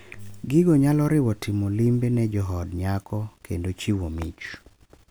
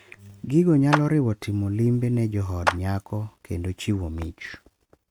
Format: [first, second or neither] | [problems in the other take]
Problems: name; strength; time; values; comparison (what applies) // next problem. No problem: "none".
first | noise reduction (neural mask model RNNoise)